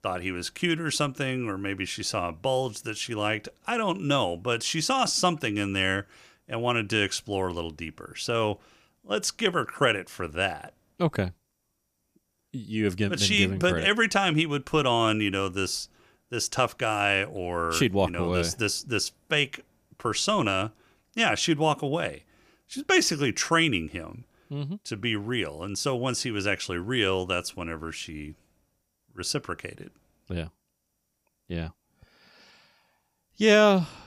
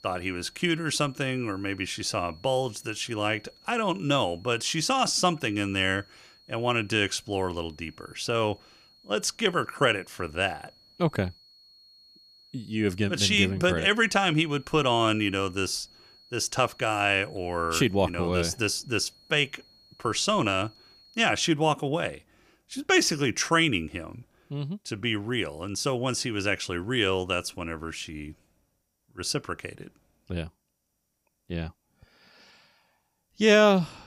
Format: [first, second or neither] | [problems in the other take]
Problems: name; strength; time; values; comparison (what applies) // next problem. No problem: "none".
first | high-pitched whine; faint; until 21 s; 4.5 kHz, 30 dB below the speech